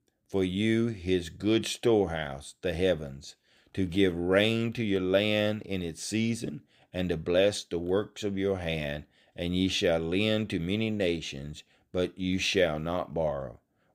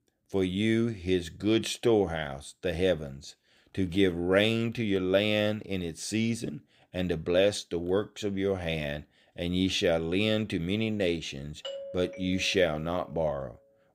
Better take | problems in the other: first | doorbell; faint; from 12 to 13 s; peak 10 dB below the speech

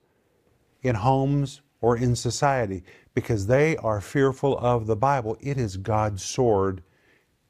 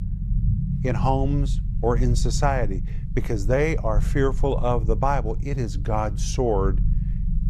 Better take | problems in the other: first | low rumble; noticeable; throughout; 15 dB below the speech

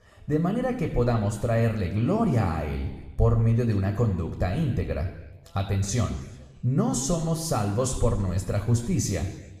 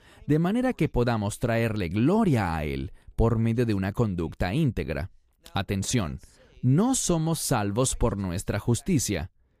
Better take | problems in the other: second | room echo; slight; dies away in 1 s // off-mic speech; somewhat distant

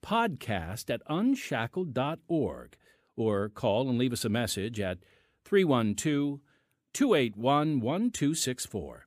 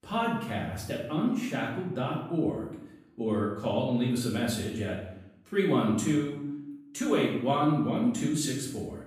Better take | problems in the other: first | room echo; noticeable; dies away in 0.7 s // off-mic speech; far

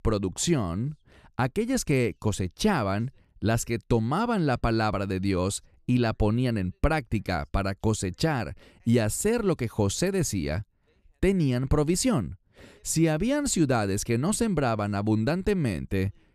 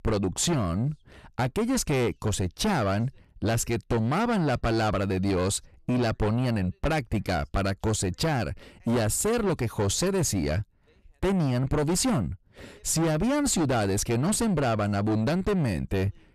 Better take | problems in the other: first | distortion; heavy; 7 dB below the speech

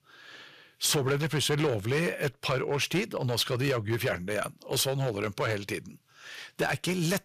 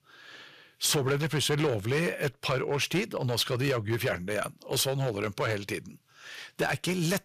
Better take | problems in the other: neither | distortion; slight; 6% of the sound clipped; the same in both

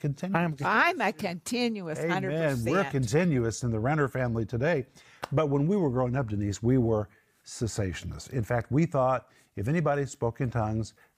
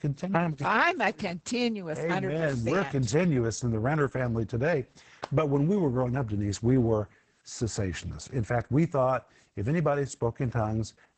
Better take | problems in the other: first | garbled, watery; badly; nothing above 8 kHz

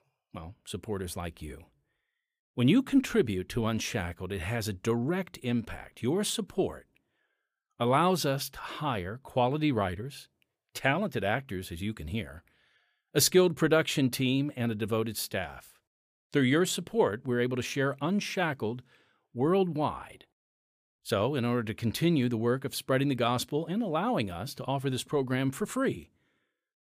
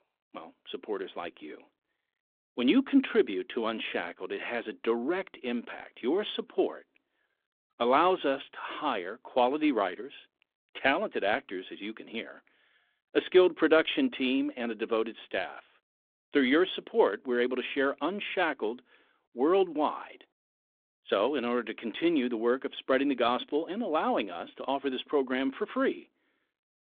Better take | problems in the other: first | phone-call audio; nothing above 3.5 kHz

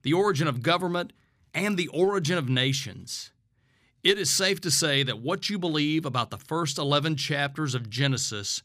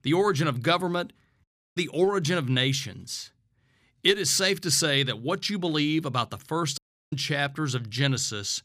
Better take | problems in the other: first | audio cutting out; at 1.5 s and at 7 s

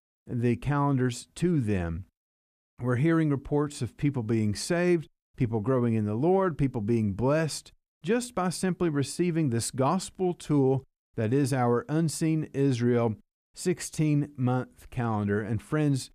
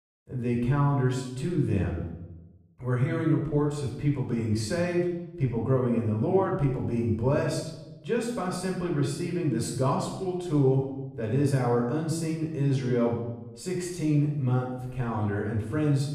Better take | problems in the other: first | off-mic speech; somewhat distant // room echo; noticeable; dies away in 0.8 s

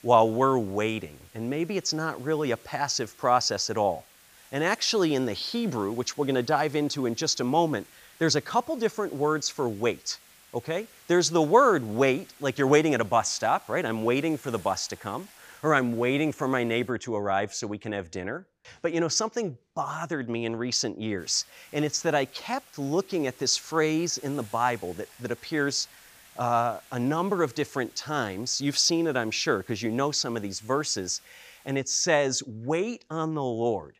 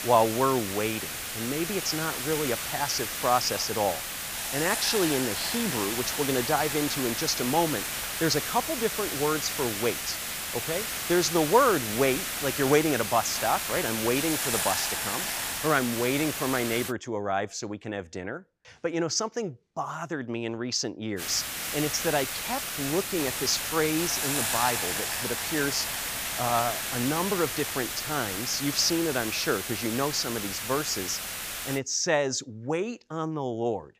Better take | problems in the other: first | hiss; loud; until 17 s and from 21 to 32 s; 2 dB below the speech; faint in the first

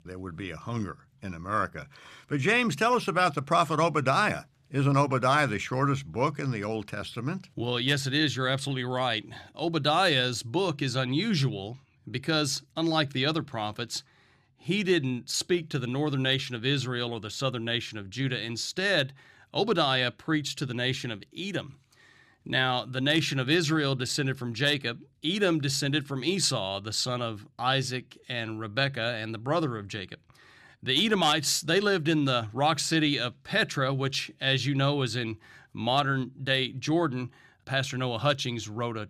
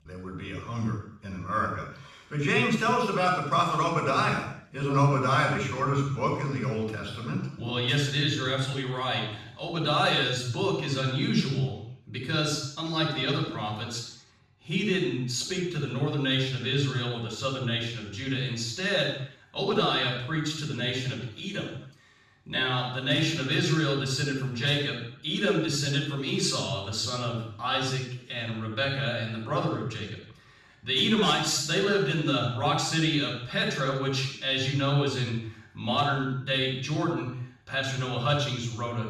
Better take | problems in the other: first | room echo; noticeable; dies away in 0.6 s // off-mic speech; far

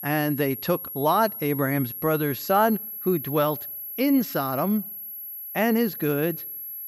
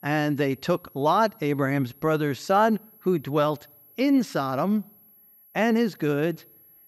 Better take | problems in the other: second | high-pitched whine; loud; throughout; 11.5 kHz, 8 dB below the speech; faint in the second

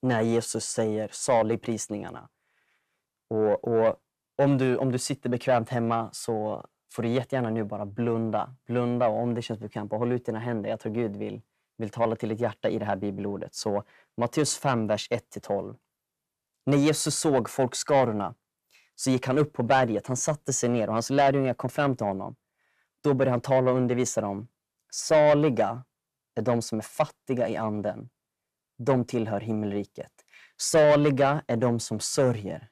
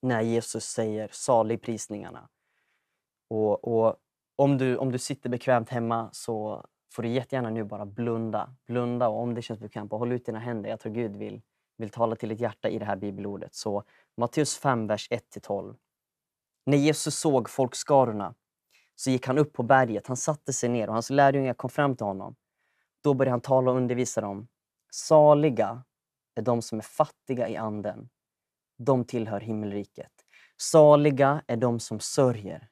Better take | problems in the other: second | distortion; slight; 10 dB below the speech

